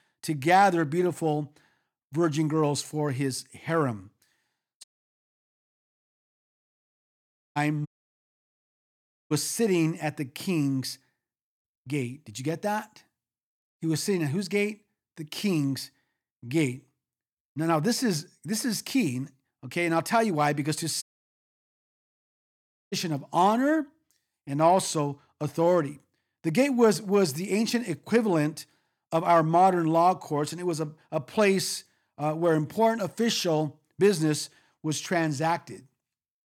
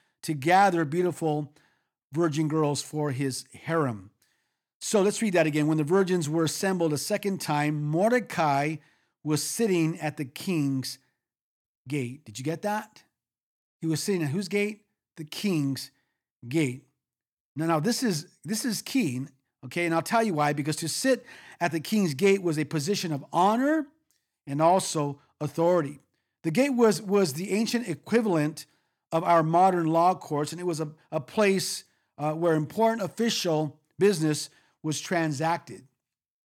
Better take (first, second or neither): second